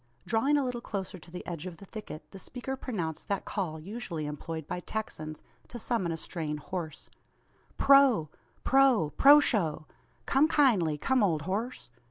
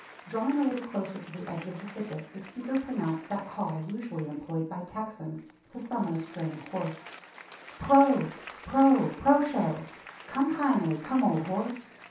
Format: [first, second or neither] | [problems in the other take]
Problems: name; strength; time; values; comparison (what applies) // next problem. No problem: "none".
first | background sound (Applause); 19 dB below the speech // room echo; dies away in 0.7 s